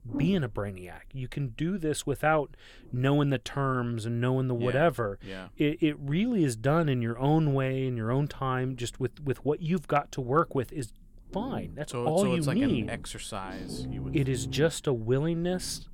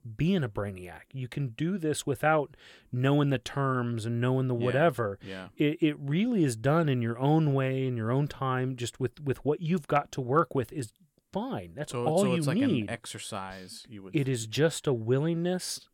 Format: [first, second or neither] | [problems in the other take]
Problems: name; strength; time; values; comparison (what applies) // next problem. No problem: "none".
second | low rumble; noticeable; throughout; 15 dB below the speech